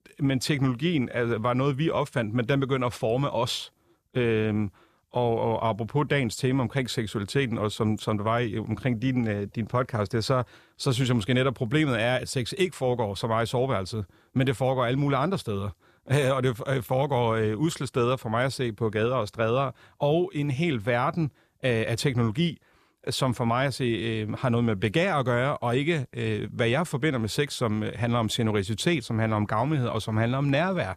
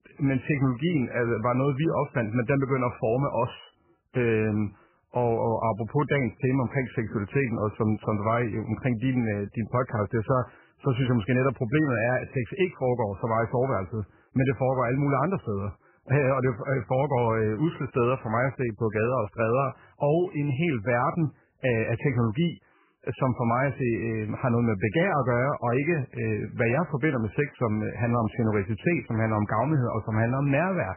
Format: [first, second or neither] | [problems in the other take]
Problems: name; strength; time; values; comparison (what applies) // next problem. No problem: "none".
first | garbled, watery; badly; nothing above 3 kHz